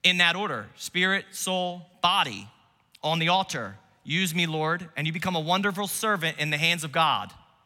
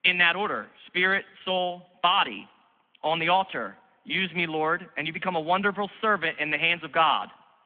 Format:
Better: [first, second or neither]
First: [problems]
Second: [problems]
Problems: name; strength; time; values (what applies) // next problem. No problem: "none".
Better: first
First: none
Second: phone-call audio; nothing above 3.5 kHz